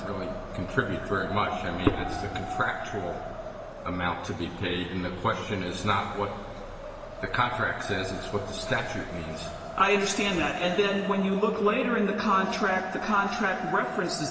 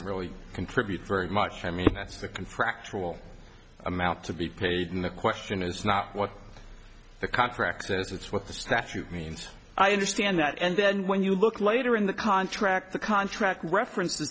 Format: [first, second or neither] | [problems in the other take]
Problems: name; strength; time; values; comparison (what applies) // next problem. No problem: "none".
second | background sound (Wind); 9 dB below the speech // room echo; dies away in 2.6 s